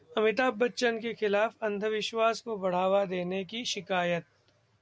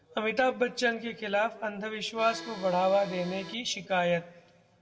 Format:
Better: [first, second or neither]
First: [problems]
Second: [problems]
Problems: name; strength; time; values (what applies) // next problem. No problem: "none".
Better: first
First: none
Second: background sound (Accordion); 13 dB below the speech // room echo; dies away in 0.7 s